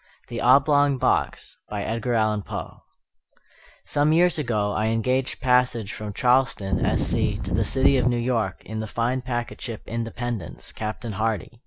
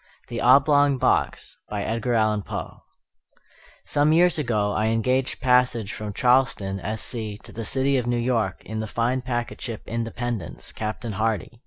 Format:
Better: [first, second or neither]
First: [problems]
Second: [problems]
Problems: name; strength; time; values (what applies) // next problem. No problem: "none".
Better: second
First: background sound (Wind); 2 dB above the speech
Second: none